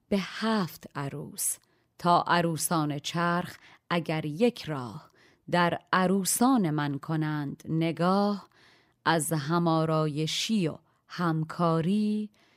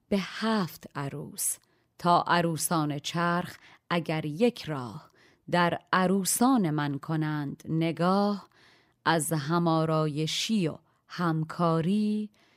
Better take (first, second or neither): neither